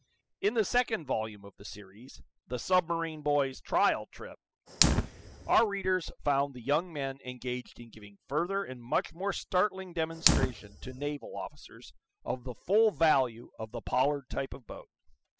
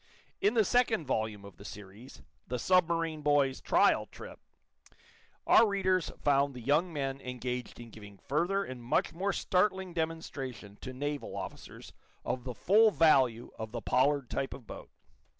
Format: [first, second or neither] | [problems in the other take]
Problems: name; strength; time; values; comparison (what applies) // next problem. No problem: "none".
second | noise reduction (classical method spectral subtraction)